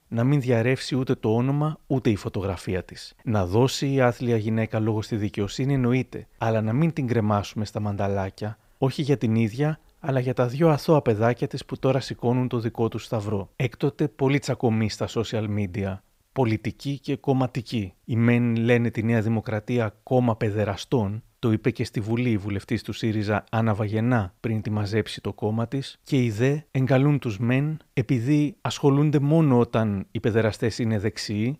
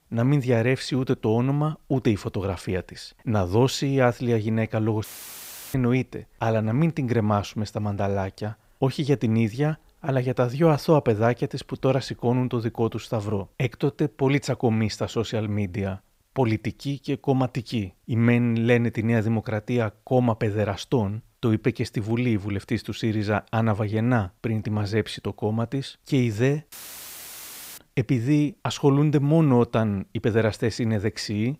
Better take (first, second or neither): first